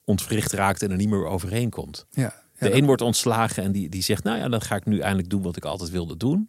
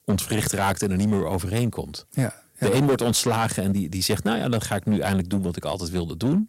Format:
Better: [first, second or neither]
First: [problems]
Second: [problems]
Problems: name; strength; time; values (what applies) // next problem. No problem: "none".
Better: first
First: none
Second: distortion; slight; 6% of the sound clipped